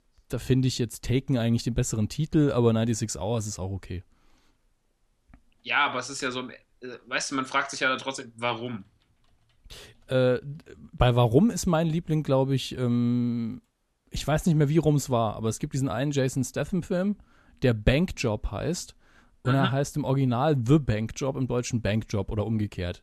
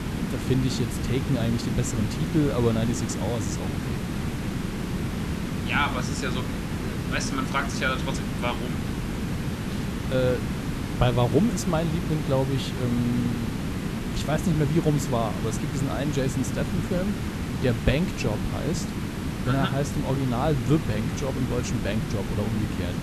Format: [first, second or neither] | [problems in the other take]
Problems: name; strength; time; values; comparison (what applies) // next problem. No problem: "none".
first | hiss; loud; throughout; 2 dB below the speech